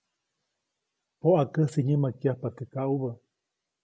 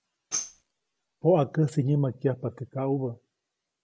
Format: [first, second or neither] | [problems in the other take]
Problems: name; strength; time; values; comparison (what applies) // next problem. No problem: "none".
first | background sound (Tambourine); 11 dB below the speech